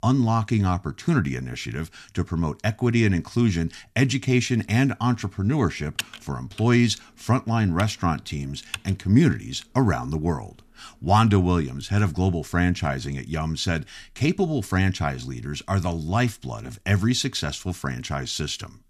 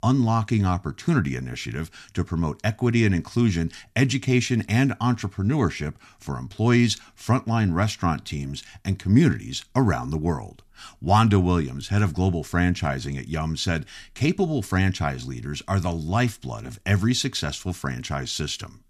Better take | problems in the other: second | keyboard typing; noticeable; from 6 to 9 s; peak 7 dB below the speech

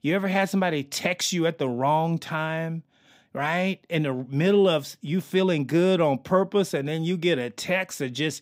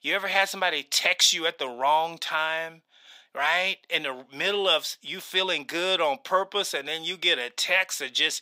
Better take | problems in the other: first | thin; very; fading below 800 Hz

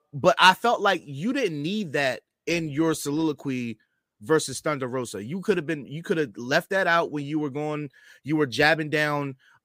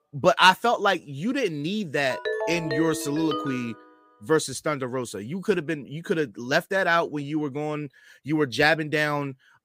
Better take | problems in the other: first | phone ringing; noticeable; from 2 to 3.5 s; peak 4 dB below the speech

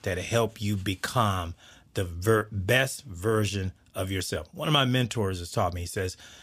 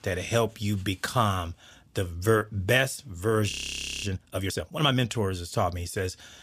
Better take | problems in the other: first | audio freezing; at 3.5 s for 0.5 s

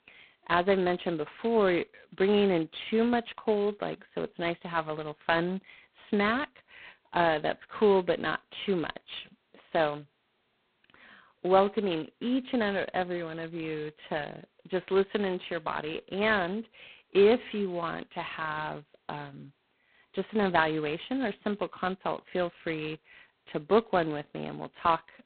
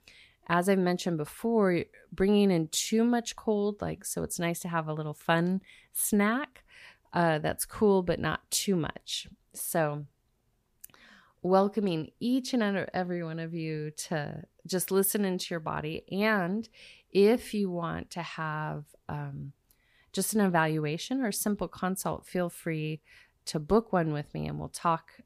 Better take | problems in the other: second | phone-call audio; poor line; nothing above 4 kHz

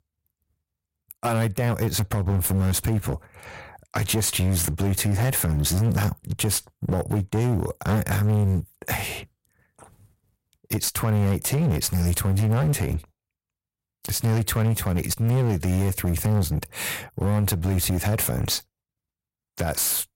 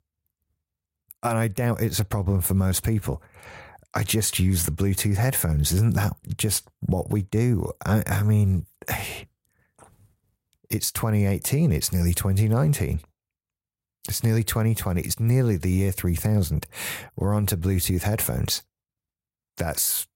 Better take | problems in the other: second | distortion; slight; 18% of the sound clipped

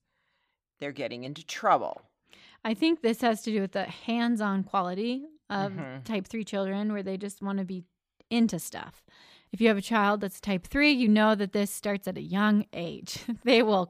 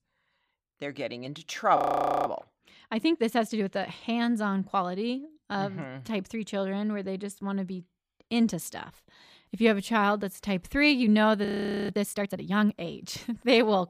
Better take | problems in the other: first | audio freezing; at 2 s and at 11 s

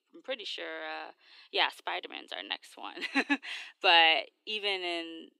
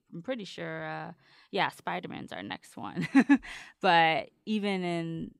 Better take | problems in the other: second | thin; somewhat; fading below 300 Hz

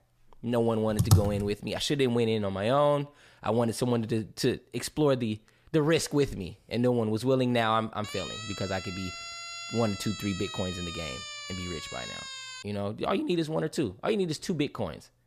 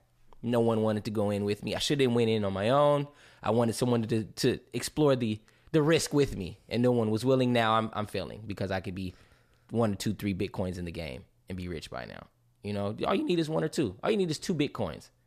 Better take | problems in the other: second | keyboard typing; loud; at 1 s; peak 5 dB above the speech // siren; noticeable; from 8 to 13 s; peak 8 dB below the speech

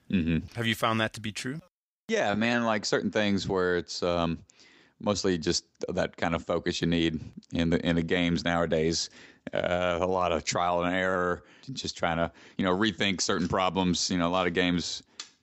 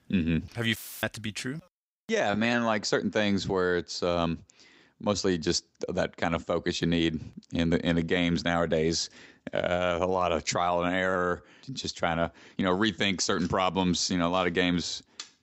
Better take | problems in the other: first | audio cutting out; filled with static; at 1 s

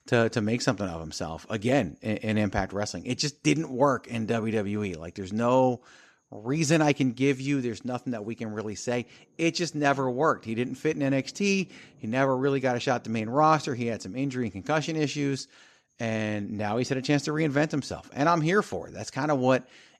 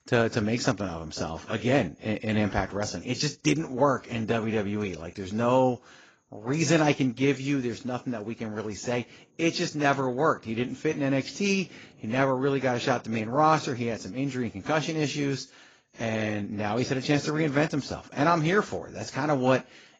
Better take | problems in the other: first | garbled, watery; badly; nothing above 7.5 kHz

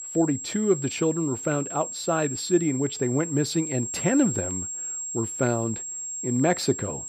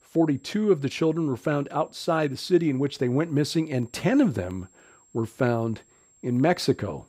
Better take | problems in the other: second | high-pitched whine; loud; throughout; 7.5 kHz, 5 dB below the speech; faint in the second

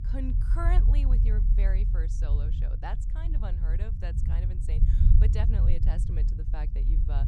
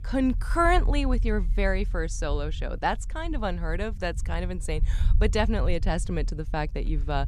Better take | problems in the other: second | low rumble; loud; throughout; 3 dB below the speech; faint in the second

